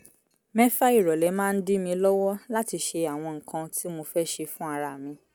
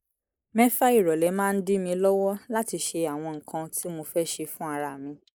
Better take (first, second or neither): first